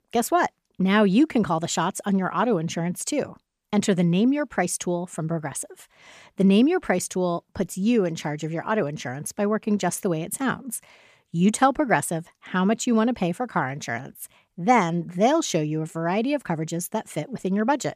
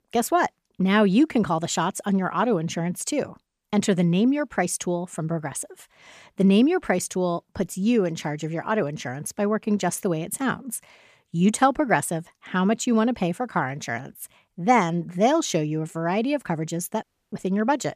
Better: first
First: none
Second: audio cutting out; at 17 s

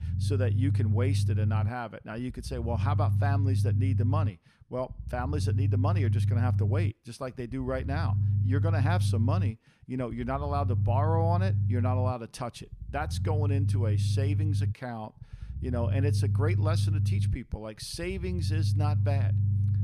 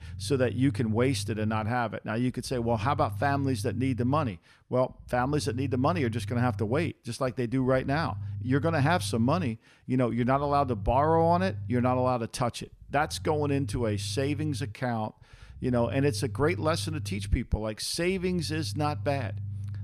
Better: second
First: low rumble; loud; throughout; 6 dB below the speech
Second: low rumble; faint; throughout; 25 dB below the speech

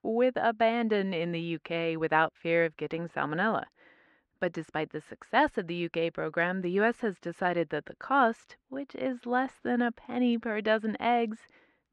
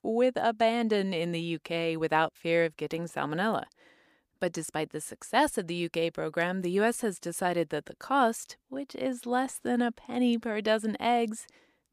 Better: second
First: muffled; slightly; fading above 2.5 kHz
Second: none

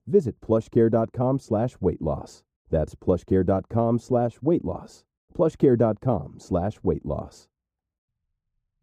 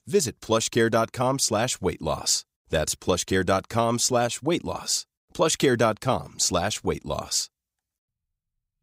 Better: second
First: muffled; very; fading above 1.5 kHz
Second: none

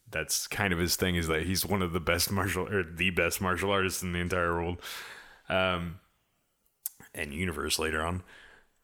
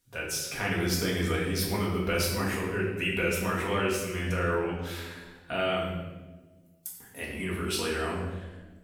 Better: first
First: none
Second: off-mic speech; far // room echo; noticeable; dies away in 1 s

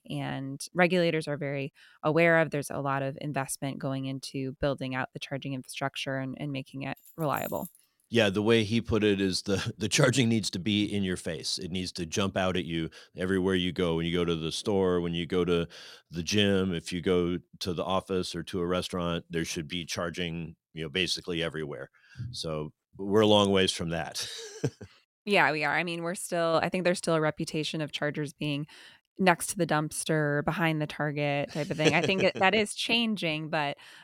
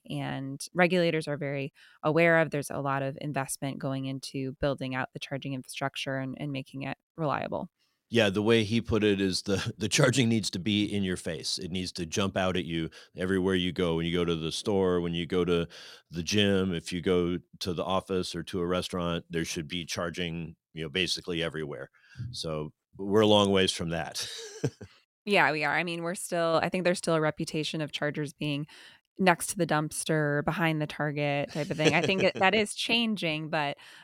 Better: second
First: jangling keys; faint; at 7 s; peak 15 dB below the speech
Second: none

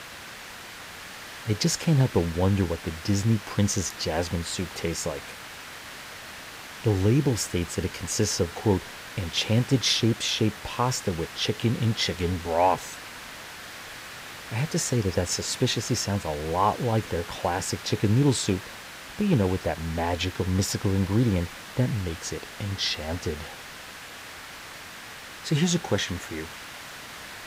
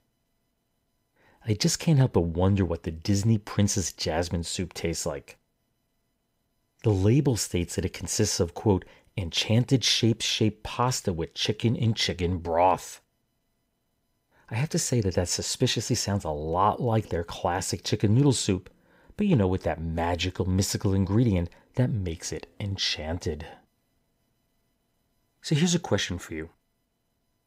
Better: second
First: hiss; noticeable; throughout; 15 dB below the speech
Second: none

